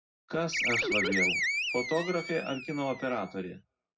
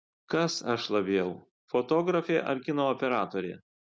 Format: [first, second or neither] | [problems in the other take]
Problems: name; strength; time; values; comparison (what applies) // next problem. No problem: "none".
second | background sound (Animal); 1 dB above the speech // room echo; dies away in 0.3 s